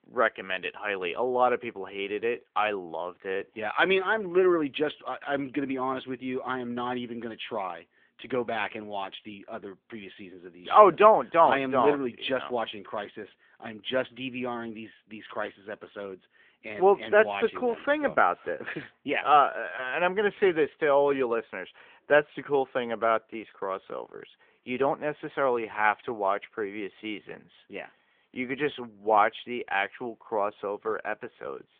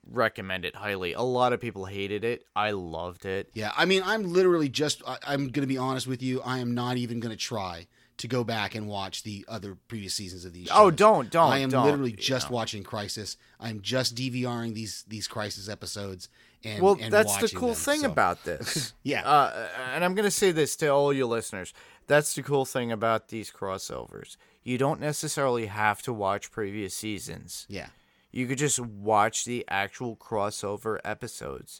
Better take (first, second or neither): second